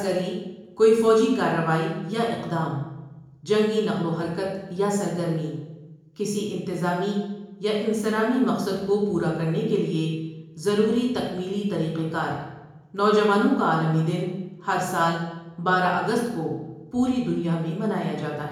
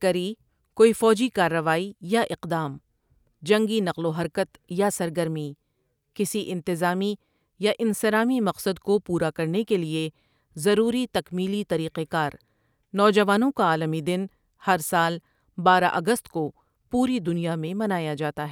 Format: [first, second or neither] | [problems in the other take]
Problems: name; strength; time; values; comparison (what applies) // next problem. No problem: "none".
second | room echo; dies away in 0.9 s